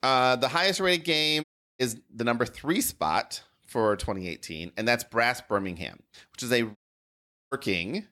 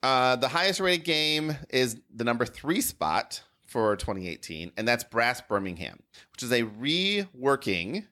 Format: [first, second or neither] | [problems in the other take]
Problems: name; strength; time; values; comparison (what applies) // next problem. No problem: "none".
second | audio cutting out; at 1.5 s and at 7 s for 1 s